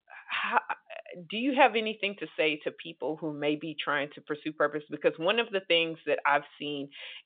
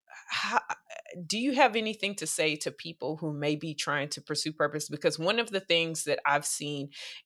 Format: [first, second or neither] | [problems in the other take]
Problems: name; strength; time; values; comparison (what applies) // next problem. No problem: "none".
second | phone-call audio